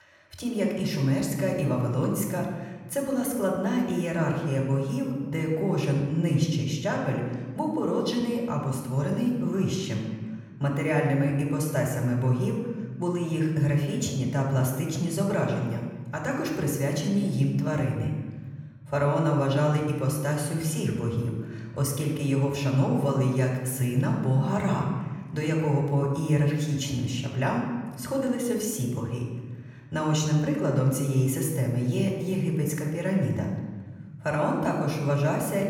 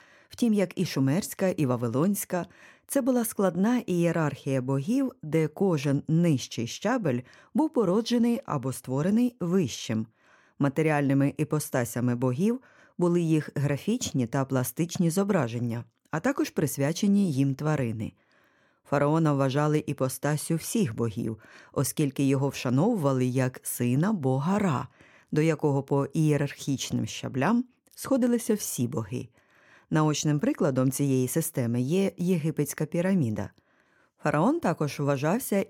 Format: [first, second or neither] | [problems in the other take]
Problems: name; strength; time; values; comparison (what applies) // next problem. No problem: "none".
second | off-mic speech; somewhat distant // room echo; noticeable; dies away in 1.3 s